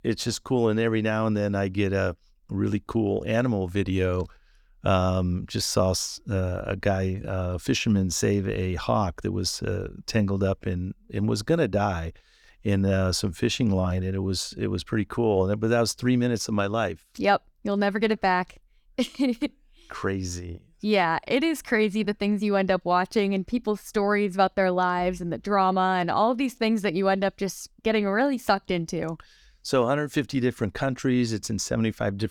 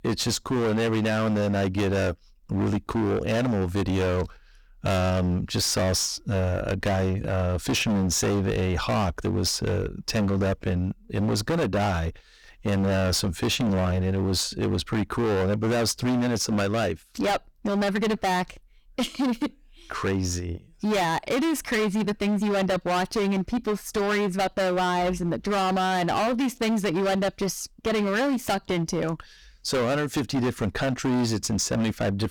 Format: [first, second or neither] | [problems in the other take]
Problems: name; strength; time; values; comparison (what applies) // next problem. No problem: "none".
first | distortion; heavy; 26% of the sound clipped